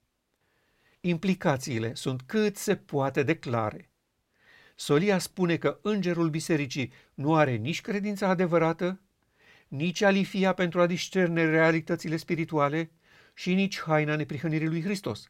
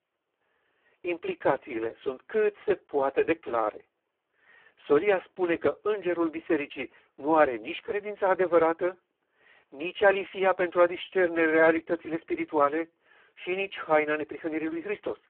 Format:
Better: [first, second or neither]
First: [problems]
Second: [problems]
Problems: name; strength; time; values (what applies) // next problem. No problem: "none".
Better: first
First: none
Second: phone-call audio; poor line